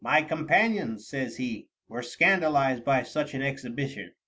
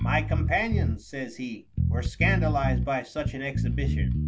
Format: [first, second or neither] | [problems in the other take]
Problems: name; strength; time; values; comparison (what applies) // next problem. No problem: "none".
first | background sound (Bass guitar); 4 dB above the speech